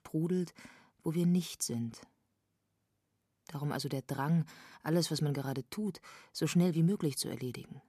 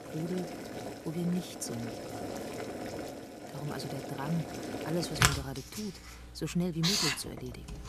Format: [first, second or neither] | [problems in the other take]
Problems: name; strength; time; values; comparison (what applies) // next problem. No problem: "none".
first | household noises; very loud; throughout; 1 dB above the speech